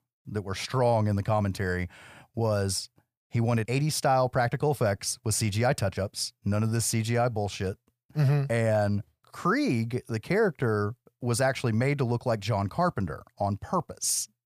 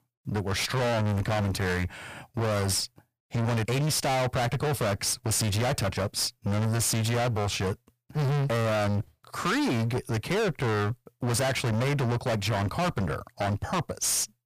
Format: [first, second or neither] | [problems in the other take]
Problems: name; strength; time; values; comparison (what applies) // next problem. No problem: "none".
first | distortion; heavy; 40% of the sound clipped